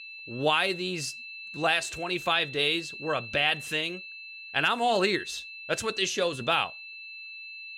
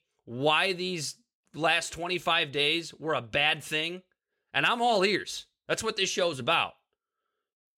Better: second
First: high-pitched whine; noticeable; throughout; 2.5 kHz, 10 dB below the speech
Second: none

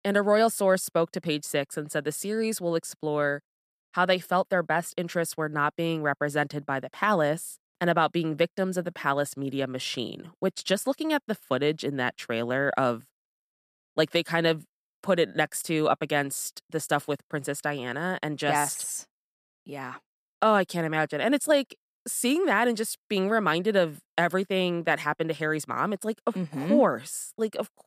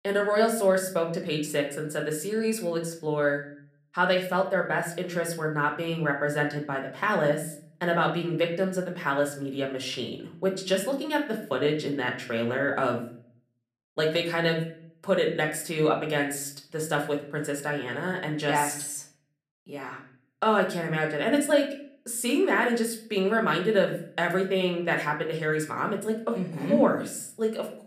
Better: first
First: none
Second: room echo; slight; dies away in 0.5 s // off-mic speech; somewhat distant

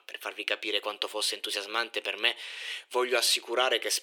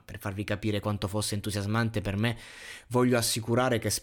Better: second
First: thin; very; fading below 400 Hz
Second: none

